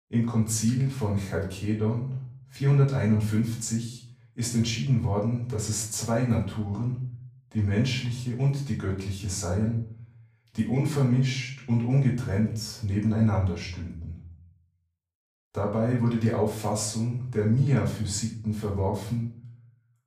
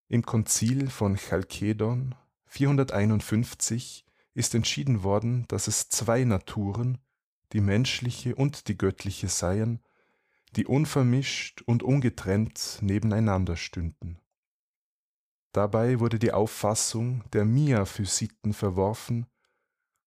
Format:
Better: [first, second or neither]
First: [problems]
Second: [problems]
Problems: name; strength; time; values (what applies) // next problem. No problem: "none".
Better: second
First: off-mic speech; far // room echo; slight; dies away in 0.5 s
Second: none